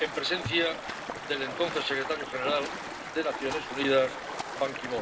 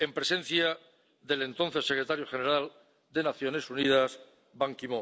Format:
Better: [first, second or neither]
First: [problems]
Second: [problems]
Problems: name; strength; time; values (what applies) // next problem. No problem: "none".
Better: second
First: background sound (Stream); 6 dB below the speech // room echo; dies away in 0.2 s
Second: none